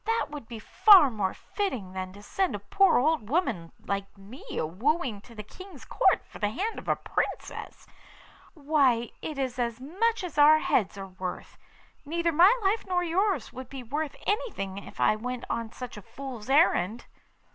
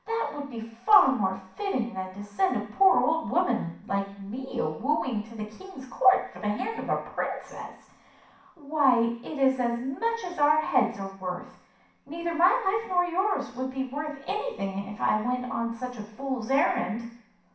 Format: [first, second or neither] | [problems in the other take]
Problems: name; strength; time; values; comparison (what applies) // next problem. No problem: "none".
first | room echo; dies away in 0.6 s